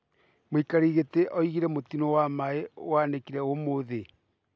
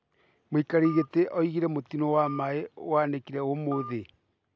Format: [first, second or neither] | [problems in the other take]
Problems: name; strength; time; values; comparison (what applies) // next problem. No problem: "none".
first | background sound (Telephone); 18 dB below the speech